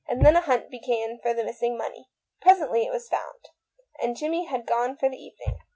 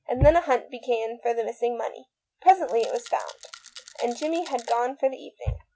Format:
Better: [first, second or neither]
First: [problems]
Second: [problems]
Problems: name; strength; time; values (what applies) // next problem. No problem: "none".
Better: first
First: none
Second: background sound (Rattle); 20 dB below the speech